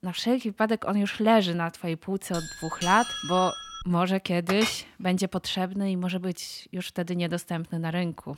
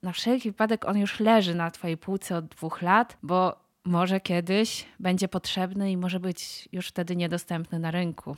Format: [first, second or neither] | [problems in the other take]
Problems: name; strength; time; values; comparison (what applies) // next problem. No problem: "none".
second | doorbell; noticeable; from 2.5 to 4 s; peak 4 dB below the speech // clattering dishes; noticeable; at 4.5 s; peak 3 dB below the speech